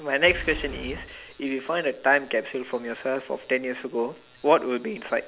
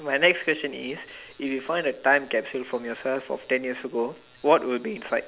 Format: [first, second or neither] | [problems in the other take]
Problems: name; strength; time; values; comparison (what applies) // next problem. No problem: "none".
second | background sound (Boom); 16 dB below the speech